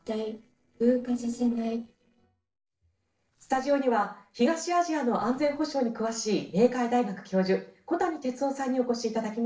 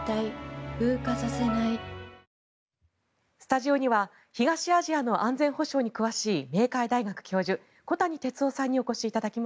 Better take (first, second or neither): second